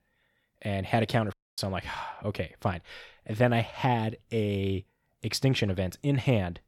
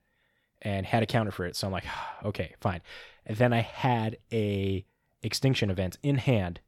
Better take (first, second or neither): second